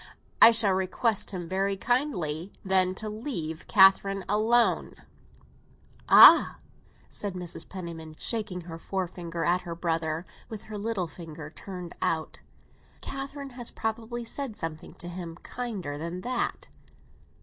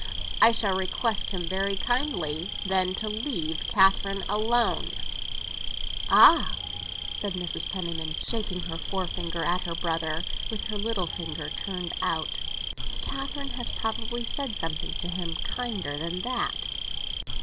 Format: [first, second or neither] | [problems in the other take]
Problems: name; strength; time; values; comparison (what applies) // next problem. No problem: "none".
first | background sound (Insect); as loud as the speech